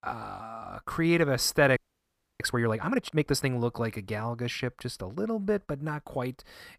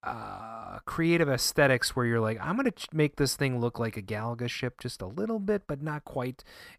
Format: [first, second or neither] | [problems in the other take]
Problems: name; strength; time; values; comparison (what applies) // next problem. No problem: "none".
second | audio freezing; at 2 s for 0.5 s